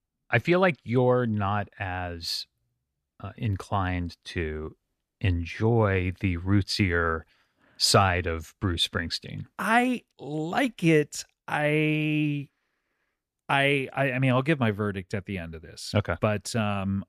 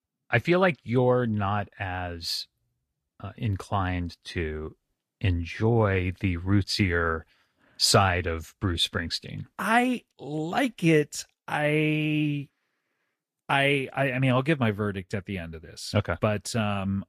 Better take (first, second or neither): first